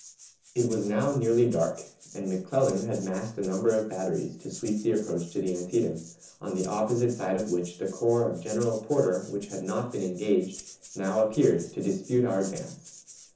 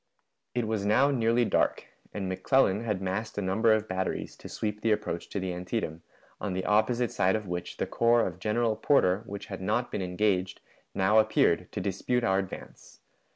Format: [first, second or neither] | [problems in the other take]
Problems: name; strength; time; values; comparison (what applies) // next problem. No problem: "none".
second | background sound (Rattle (instrument)); 19 dB below the speech // room echo; dies away in 0.6 s